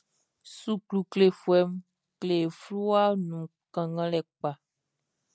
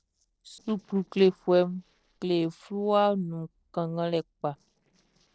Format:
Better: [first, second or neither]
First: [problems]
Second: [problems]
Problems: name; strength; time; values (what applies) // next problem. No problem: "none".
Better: first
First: none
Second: noise reduction (neural separator model SepFormer DNS4)